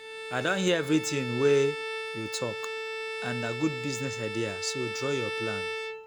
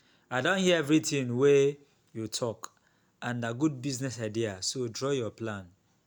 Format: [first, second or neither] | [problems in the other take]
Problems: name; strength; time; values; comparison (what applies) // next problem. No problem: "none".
second | background sound (Bowed string instrument); 5 dB below the speech